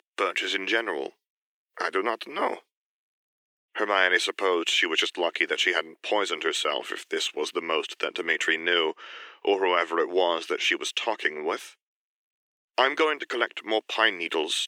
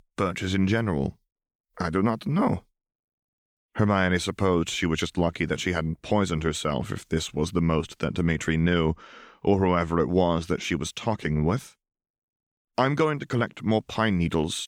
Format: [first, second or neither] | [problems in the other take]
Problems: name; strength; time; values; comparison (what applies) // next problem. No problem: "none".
second | thin; very; fading below 350 Hz